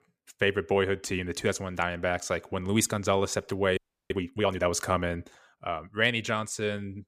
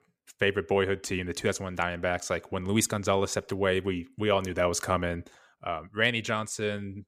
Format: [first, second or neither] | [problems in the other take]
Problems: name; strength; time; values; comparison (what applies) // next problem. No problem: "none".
second | audio freezing; at 4 s